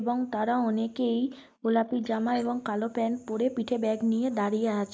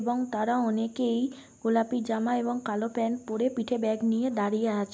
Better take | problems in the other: second | noise reduction (neural mask model Resemble Enhance denoiser)

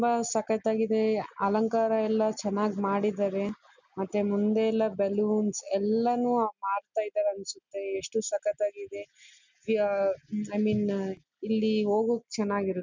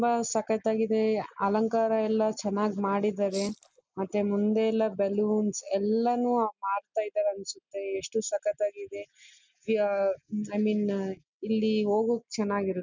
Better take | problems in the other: first | noise reduction (neural mask model Resemble Enhance denoiser)

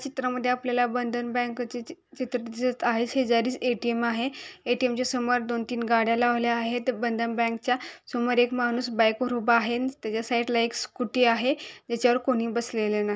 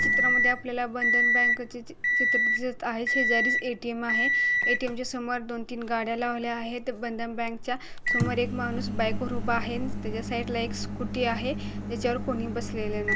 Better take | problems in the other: first | background sound (Microwave oven); 3 dB above the speech

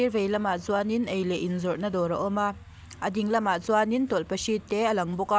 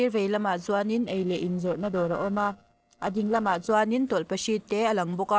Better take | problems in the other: first | noise reduction (neural separator model SepFormer DNS4)

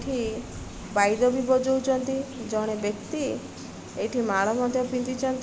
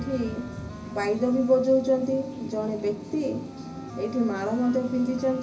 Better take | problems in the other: first | background sound (Wind instrument, woodwind instrument); 18 dB below the speech // room echo; dies away in 0.4 s

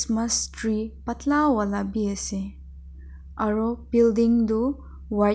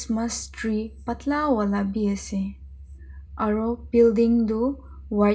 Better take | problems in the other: first | room echo; dies away in 0.2 s

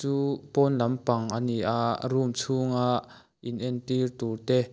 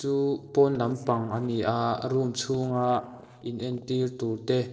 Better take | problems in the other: first | noise reduction (neural separator model SepFormer DNS4)

